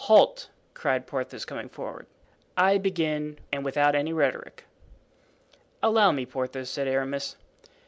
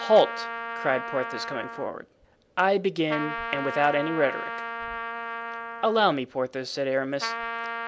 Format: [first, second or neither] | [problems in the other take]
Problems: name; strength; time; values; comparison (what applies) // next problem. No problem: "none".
first | background sound (Trumpet); 8 dB below the speech